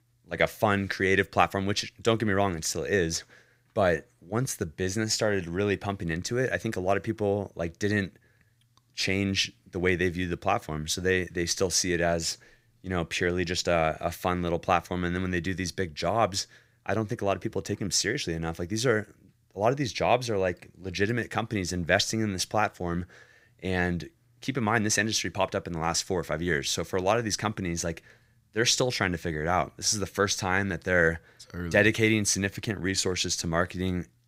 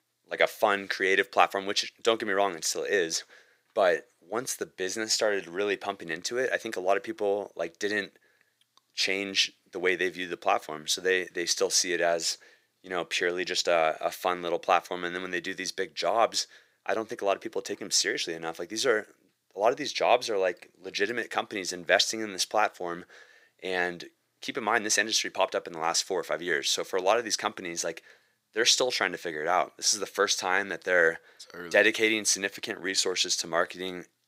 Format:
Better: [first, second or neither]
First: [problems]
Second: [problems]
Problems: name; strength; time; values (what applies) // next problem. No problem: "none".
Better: first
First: none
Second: thin; somewhat; fading below 450 Hz